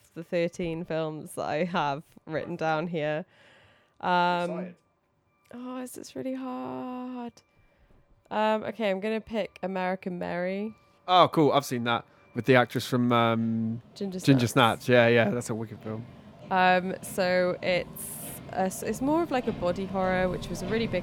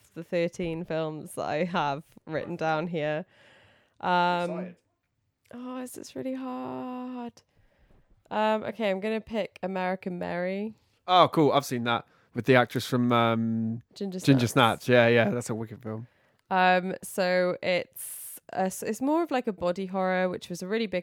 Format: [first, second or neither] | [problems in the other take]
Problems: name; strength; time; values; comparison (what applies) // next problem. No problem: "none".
second | traffic noise; noticeable; throughout; 15 dB below the speech